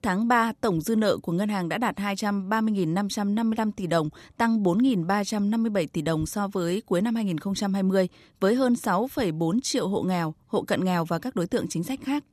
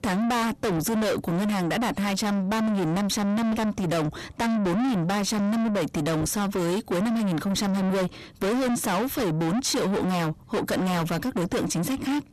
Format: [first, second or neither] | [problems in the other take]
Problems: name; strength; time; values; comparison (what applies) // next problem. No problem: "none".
first | distortion; heavy; 6 dB below the speech